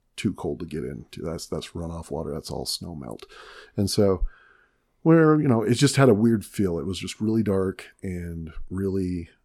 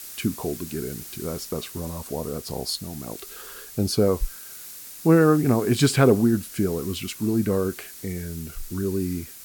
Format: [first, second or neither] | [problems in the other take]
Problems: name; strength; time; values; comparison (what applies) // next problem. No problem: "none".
first | hiss; noticeable; throughout; 15 dB below the speech